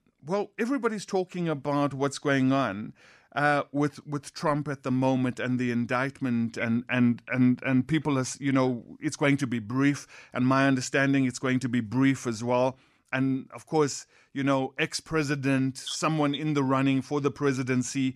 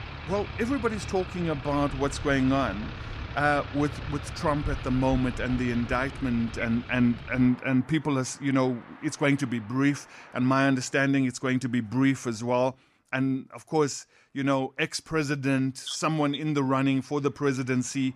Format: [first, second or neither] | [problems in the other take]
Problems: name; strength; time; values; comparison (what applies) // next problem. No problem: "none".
first | traffic noise; noticeable; throughout; 10 dB below the speech